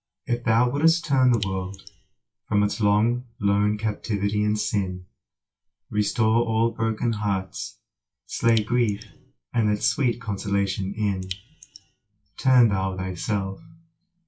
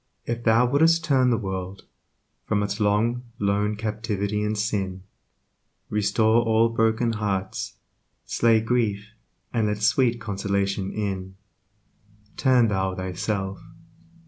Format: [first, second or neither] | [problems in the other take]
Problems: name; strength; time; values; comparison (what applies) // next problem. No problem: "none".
second | noise reduction (classical method WPE with log-MMSE)